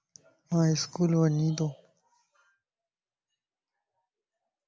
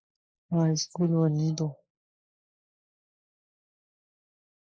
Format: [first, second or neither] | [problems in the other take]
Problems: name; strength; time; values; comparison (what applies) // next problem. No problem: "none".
first | noise reduction (neural mask model Resemble Enhance denoiser)